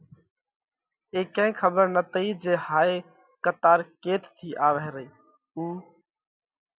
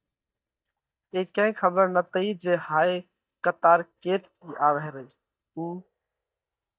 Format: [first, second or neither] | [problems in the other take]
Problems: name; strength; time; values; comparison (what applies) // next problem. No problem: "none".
first | noise reduction (neural mask model DeepFilterNet 3)